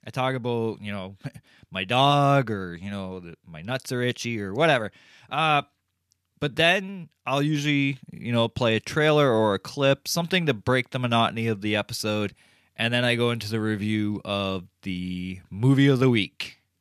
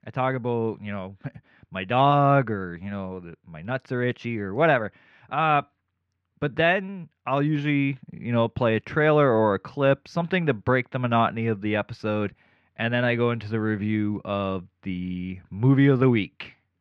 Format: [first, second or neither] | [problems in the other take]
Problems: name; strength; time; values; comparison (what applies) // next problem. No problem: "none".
first | muffled; very; fading above 1.5 kHz